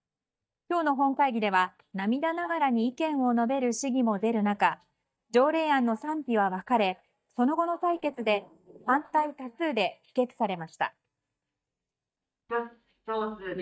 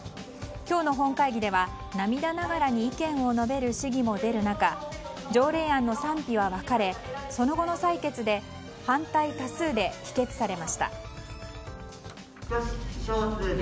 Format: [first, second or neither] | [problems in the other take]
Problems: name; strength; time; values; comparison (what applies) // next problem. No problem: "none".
second | noise reduction (neural mask model DeepFilterNet 3)